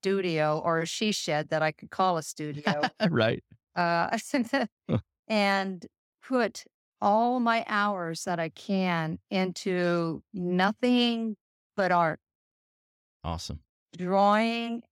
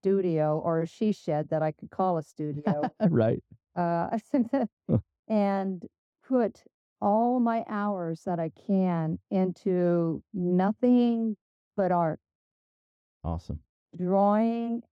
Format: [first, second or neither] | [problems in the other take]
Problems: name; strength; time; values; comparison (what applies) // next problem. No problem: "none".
first | muffled; very; fading above 1 kHz